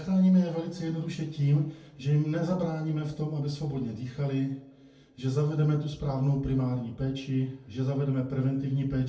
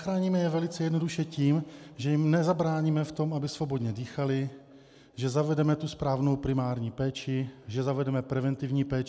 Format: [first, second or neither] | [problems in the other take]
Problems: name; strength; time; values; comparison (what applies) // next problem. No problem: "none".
second | room echo; dies away in 0.4 s